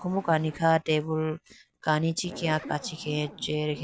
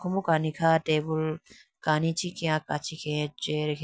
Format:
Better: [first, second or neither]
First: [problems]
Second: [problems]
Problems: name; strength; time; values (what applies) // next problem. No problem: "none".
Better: second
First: background sound (Zipper (clothing)); 18 dB below the speech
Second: none